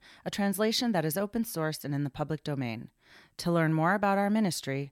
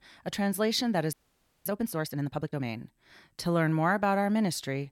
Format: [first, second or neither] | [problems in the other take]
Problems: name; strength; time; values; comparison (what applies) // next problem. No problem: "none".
first | audio freezing; at 1 s for 0.5 s